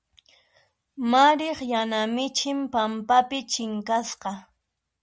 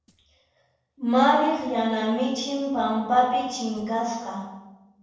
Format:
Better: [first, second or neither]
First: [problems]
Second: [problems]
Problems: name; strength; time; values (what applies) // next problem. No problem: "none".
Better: first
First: none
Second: noise reduction (neural separator model SepFormer DNS4)